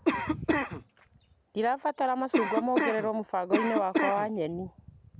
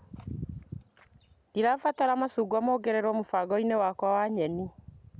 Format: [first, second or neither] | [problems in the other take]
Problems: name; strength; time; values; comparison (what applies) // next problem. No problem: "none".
second | background sound (Cough); 1 dB above the speech